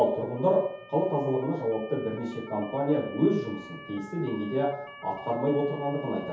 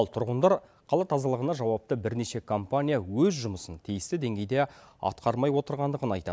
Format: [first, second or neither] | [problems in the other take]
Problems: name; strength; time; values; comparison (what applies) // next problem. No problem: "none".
second | background sound (Motor vehicle (road) / Siren); 18 dB below the speech // room echo; dies away in 0.6 s